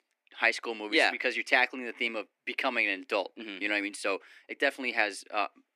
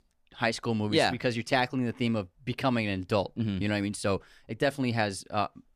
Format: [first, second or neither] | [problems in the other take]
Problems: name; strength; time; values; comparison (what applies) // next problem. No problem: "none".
second | thin; somewhat; fading below 300 Hz